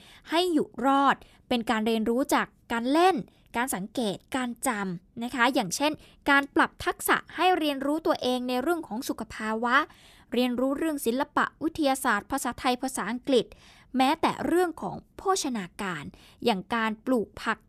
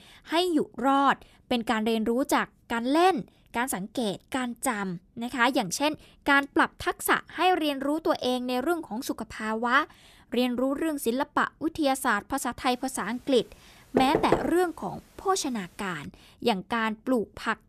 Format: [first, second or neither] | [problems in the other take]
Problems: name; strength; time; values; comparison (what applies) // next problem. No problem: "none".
first | door banging; loud; at 14 s; peak 1 dB above the speech